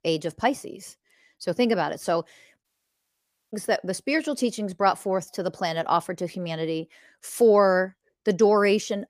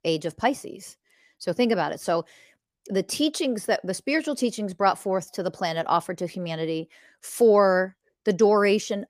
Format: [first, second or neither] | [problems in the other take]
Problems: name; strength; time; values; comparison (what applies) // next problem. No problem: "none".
second | audio cutting out; at 2.5 s for 1 s